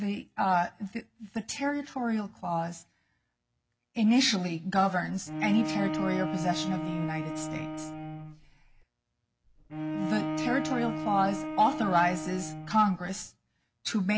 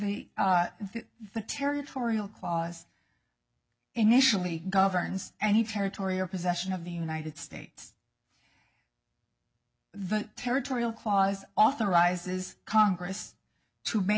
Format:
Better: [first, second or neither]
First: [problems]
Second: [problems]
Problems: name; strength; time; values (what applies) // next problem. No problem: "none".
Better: second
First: background sound (Bowed string instrument); 4 dB below the speech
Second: none